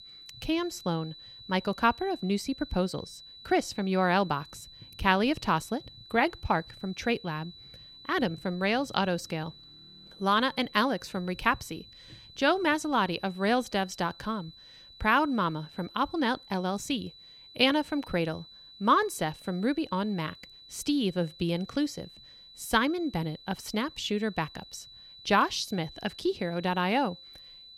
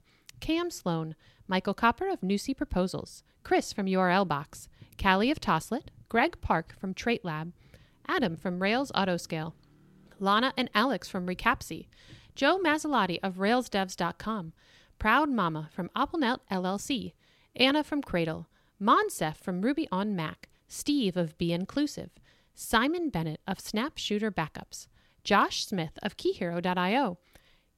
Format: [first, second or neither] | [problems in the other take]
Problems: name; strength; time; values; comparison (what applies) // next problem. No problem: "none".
second | high-pitched whine; noticeable; throughout; 4 kHz, 20 dB below the speech